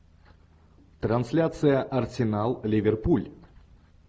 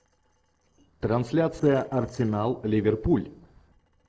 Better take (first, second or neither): first